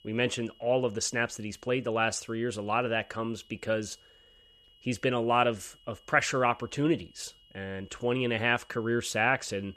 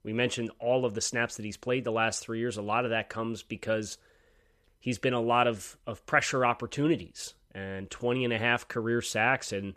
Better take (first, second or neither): second